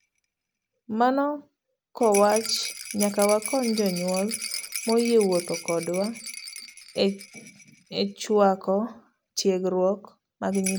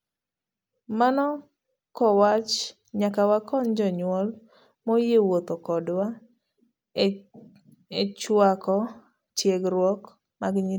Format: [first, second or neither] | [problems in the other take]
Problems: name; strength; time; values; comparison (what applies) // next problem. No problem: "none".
second | background sound (Rattle); 12 dB below the speech